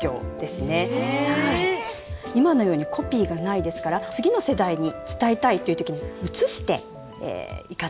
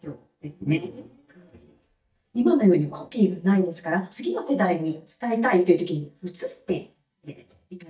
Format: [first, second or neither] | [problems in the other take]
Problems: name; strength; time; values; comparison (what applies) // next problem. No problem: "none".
first | noise reduction (neural mask model DeepFilterNet 3)